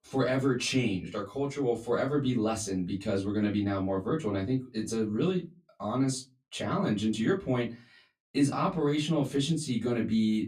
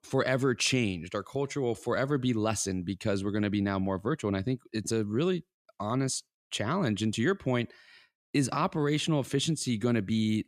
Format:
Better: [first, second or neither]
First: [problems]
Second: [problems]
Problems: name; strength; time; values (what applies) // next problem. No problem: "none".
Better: second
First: off-mic speech; far // room echo; very slight; dies away in 0.2 s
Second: none